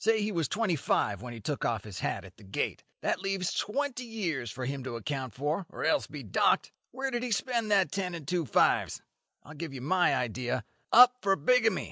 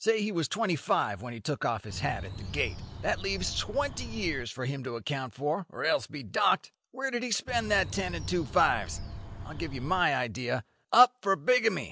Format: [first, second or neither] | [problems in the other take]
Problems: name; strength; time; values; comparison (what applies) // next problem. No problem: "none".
first | background sound (Bird); 9 dB below the speech